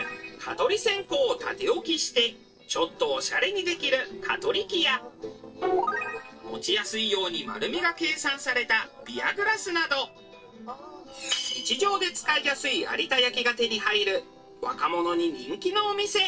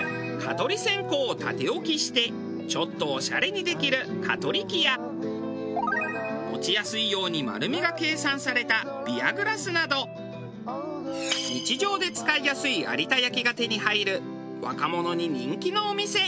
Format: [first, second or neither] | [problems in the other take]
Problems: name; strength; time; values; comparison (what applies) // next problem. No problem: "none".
second | noise reduction (neural separator model SepFormer DNS4)